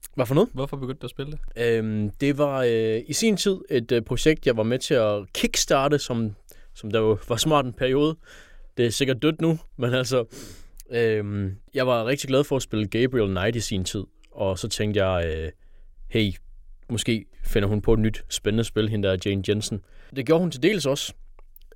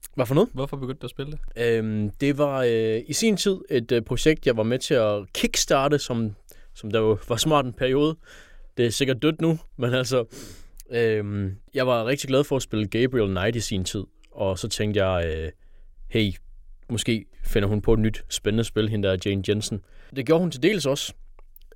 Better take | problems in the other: neither | none

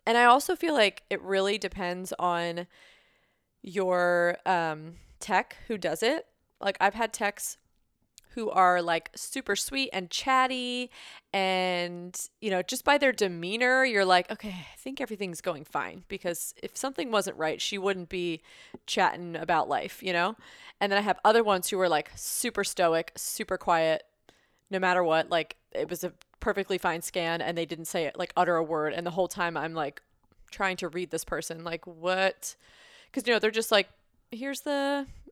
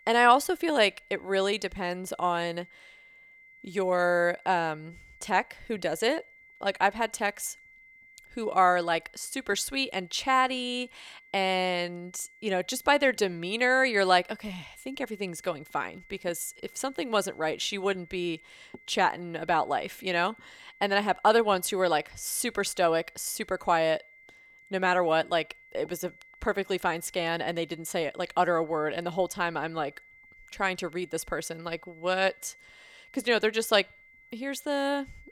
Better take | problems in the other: first | high-pitched whine; faint; throughout; 2 kHz, 25 dB below the speech

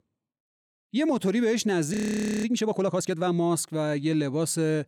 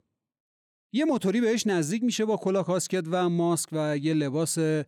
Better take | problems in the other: second | audio freezing; at 2 s for 0.5 s

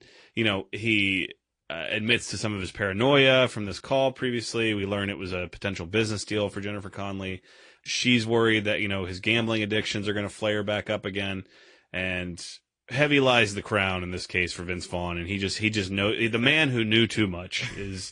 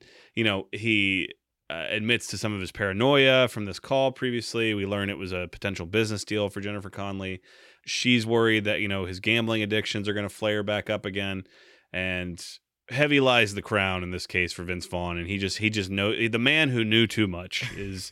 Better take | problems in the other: second | garbled, watery; slightly; nothing above 8.5 kHz

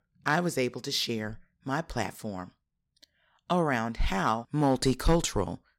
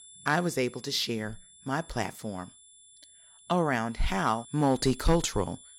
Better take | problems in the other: first | high-pitched whine; faint; throughout; 10 kHz, 20 dB below the speech

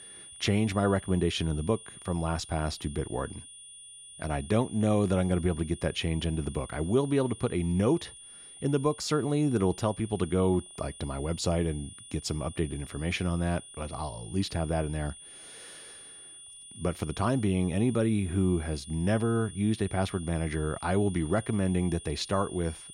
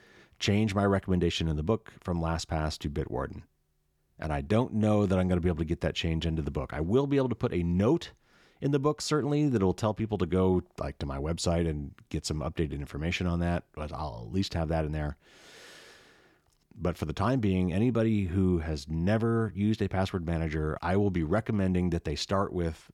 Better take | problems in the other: second | high-pitched whine; noticeable; throughout; 9.5 kHz, 15 dB below the speech

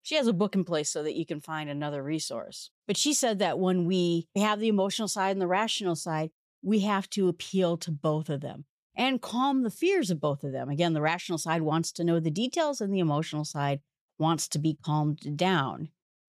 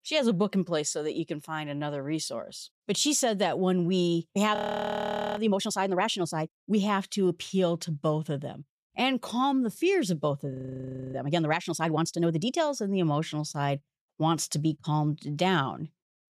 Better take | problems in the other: first | audio freezing; at 4.5 s for 1 s and at 11 s for 0.5 s

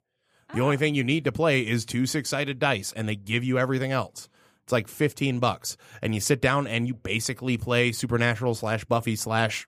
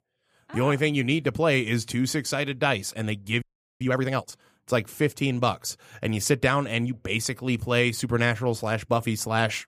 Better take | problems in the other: first | audio freezing; at 3.5 s

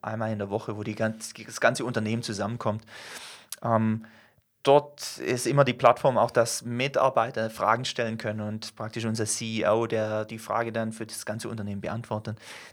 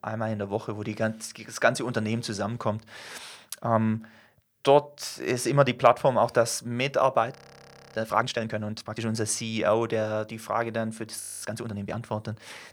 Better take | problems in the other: first | audio freezing; at 7.5 s for 0.5 s and at 11 s

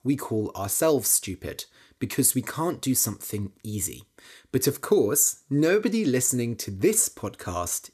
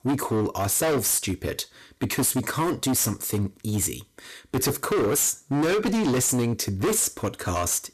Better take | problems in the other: first | distortion; heavy; 22% of the sound clipped

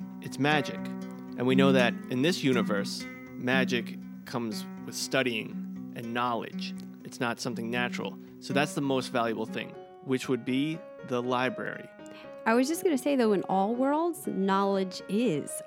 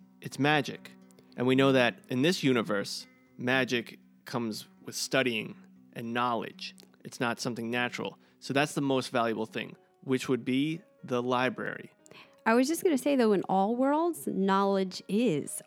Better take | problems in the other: second | background music; loud; throughout; 10 dB below the speech; faint in the second

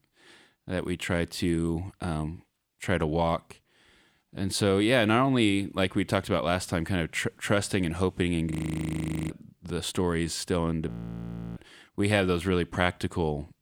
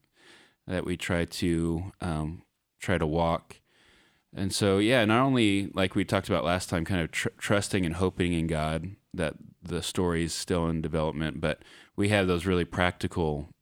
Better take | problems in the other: second | audio freezing; at 8.5 s for 1 s and at 11 s for 0.5 s

